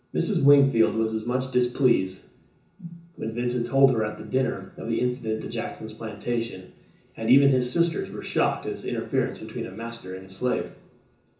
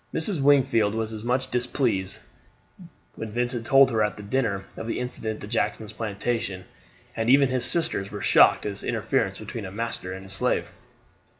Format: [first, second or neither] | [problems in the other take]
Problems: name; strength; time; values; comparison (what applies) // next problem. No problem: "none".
second | room echo; dies away in 0.6 s